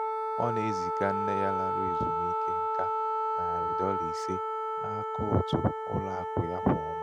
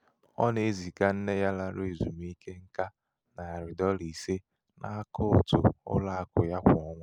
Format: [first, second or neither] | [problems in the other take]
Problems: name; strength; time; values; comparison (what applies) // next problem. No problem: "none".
second | background sound (Wind instrument, woodwind instrument); 3 dB above the speech